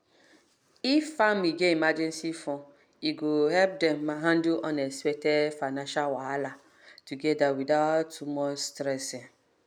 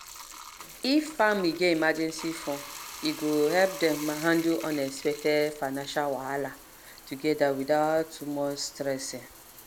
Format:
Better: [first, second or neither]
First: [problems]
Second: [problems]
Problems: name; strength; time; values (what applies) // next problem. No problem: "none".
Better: first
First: none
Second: background sound (Bathtub (filling or washing)); 16 dB below the speech